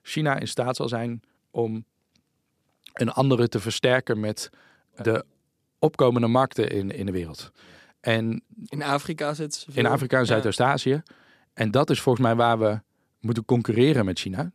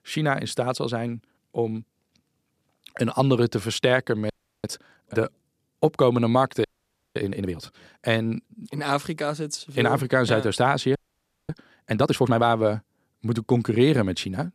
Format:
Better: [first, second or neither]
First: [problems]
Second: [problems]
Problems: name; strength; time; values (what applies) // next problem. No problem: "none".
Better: first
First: none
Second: audio freezing; at 4.5 s, at 6.5 s for 0.5 s and at 11 s for 0.5 s